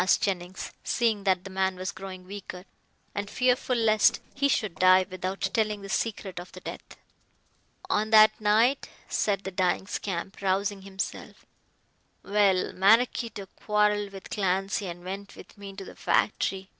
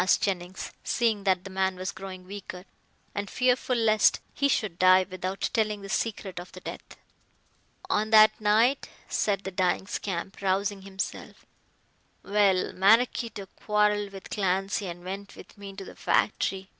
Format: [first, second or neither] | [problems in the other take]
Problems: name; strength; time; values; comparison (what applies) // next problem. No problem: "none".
second | noise reduction (neural separator model SepFormer DNS4)